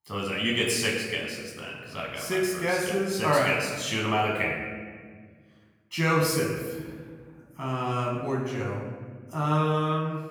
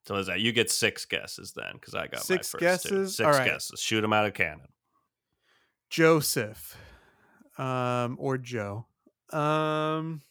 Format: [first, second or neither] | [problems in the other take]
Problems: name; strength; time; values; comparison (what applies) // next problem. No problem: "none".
second | off-mic speech; far // room echo; noticeable; dies away in 1.4 s